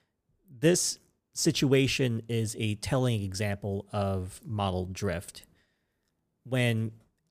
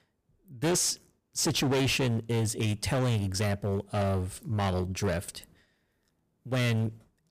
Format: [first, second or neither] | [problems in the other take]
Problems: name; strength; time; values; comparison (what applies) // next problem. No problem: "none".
first | distortion; heavy; 14% of the sound clipped